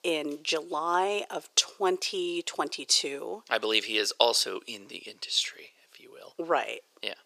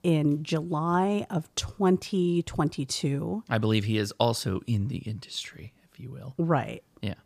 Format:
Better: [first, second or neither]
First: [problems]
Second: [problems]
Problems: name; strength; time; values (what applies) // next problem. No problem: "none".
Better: second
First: thin; very; fading below 400 Hz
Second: none